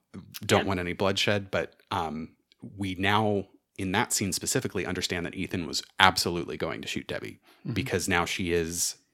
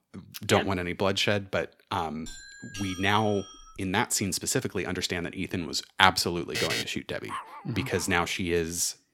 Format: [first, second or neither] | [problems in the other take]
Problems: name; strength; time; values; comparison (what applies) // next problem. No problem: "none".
first | doorbell; faint; from 2.5 to 4 s; peak 10 dB below the speech // alarm; noticeable; at 6.5 s; peak 1 dB below the speech // dog barking; faint; at 7.5 s; peak 10 dB below the speech